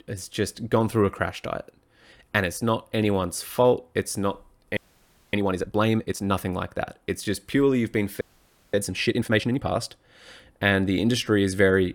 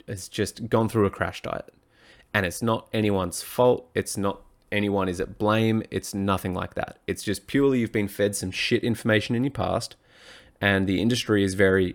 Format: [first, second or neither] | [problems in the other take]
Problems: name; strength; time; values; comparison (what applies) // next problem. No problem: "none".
second | audio freezing; at 5 s for 0.5 s and at 8 s for 0.5 s